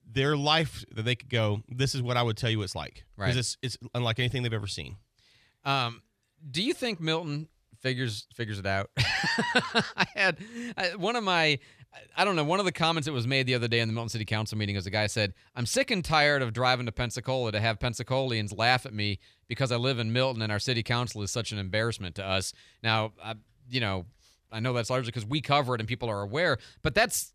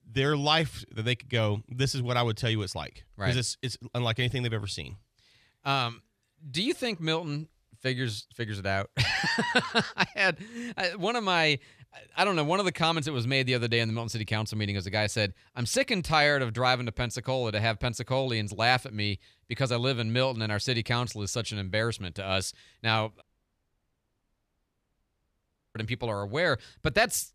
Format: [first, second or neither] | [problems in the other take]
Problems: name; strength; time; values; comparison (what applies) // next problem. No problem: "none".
first | audio cutting out; at 23 s for 2.5 s